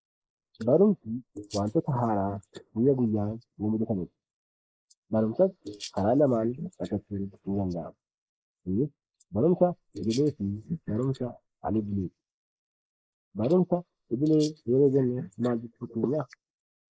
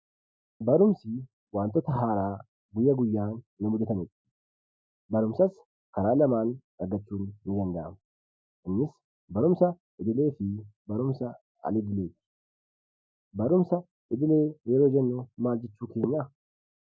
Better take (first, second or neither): second